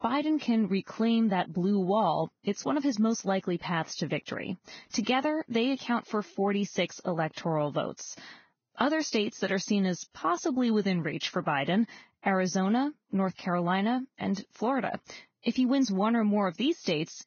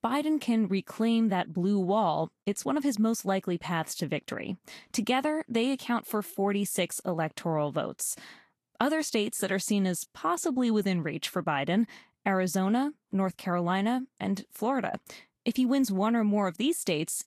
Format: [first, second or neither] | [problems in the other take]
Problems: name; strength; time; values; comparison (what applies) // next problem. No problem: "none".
second | garbled, watery; badly; nothing above 6.5 kHz; slightly in the second